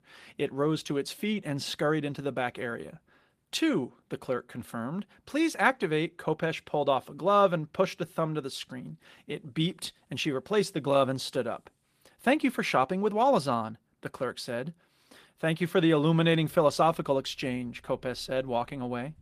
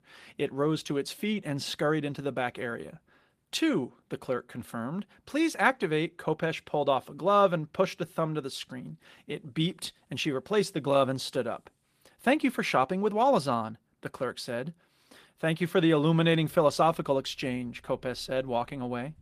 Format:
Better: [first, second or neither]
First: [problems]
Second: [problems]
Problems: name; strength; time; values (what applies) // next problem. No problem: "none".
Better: neither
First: garbled, watery; slightly; nothing above 14.5 kHz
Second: garbled, watery; slightly; nothing above 14.5 kHz